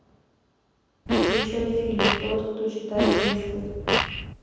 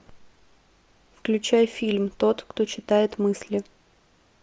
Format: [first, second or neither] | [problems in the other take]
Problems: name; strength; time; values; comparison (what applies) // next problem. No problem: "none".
second | background sound (Fart); 3 dB above the speech // room echo; dies away in 1.2 s